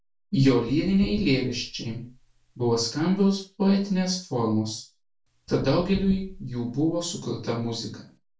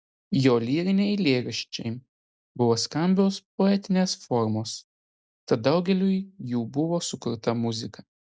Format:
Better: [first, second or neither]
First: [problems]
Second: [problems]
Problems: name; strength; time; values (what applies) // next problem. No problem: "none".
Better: second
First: background sound (Knock / Wood); 16 dB below the speech // room echo; dies away in 0.3 s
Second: none